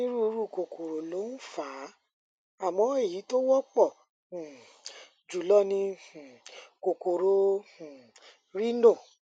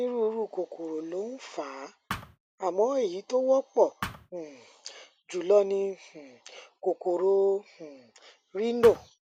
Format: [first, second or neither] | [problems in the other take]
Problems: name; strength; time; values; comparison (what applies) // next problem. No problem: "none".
first | background sound (Thump, thud); 9 dB below the speech